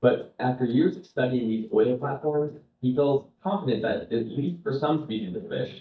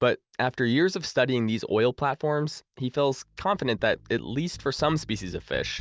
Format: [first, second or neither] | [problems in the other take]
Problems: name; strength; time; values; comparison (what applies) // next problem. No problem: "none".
second | noise reduction (neural mask model DeepFilterNet 3)